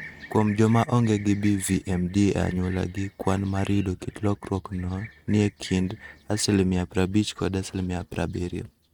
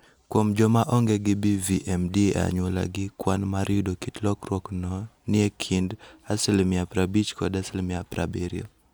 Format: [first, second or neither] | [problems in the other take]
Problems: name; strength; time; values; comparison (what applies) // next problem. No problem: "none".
second | noise reduction (neural mask model RNNoise)